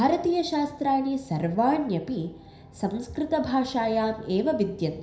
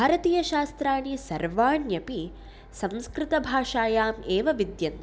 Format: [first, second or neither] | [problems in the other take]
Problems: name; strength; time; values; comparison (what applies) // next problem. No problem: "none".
second | room echo; dies away in 0.5 s